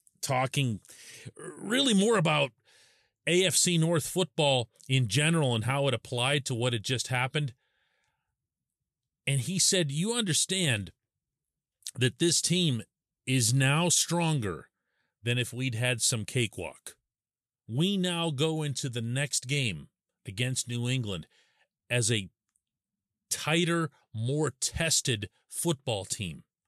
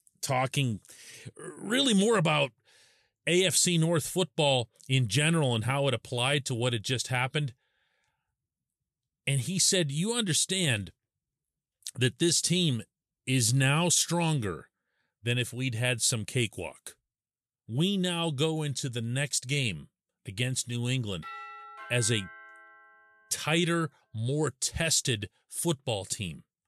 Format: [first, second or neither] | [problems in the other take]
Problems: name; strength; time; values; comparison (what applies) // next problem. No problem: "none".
first | doorbell; faint; from 21 to 23 s; peak 15 dB below the speech